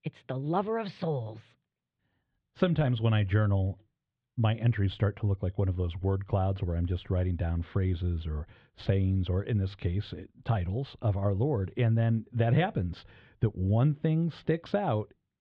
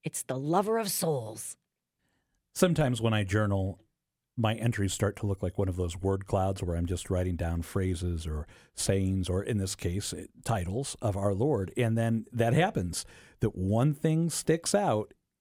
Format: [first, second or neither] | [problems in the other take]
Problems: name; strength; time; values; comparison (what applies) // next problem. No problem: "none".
second | muffled; very; fading above 3.5 kHz